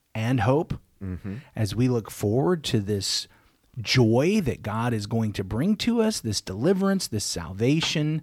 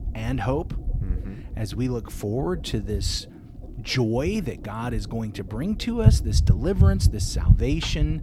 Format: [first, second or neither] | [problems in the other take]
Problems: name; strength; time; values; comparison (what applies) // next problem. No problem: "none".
first | low rumble; noticeable; throughout; 10 dB below the speech